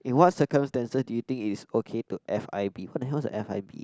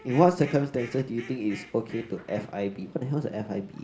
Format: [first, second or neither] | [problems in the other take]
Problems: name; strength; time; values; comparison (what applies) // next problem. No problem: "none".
first | background sound (Fowl); 20 dB below the speech // room echo; dies away in 1.9 s